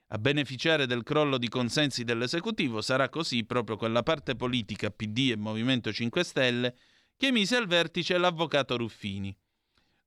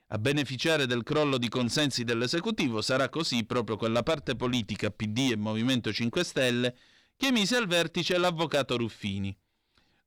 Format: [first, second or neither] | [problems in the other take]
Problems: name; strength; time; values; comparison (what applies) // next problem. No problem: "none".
first | distortion; slight; 10 dB below the speech